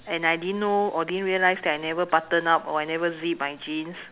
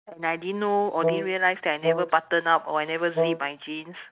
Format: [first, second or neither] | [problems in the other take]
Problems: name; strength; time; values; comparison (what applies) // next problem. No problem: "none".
first | noise reduction (neural mask model DeepFilterNet 3)